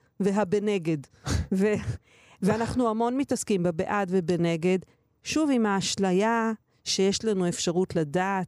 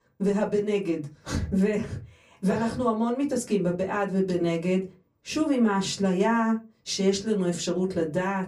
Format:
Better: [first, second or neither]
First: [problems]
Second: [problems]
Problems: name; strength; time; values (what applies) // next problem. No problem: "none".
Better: first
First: none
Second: off-mic speech; far // room echo; very slight; dies away in 0.2 s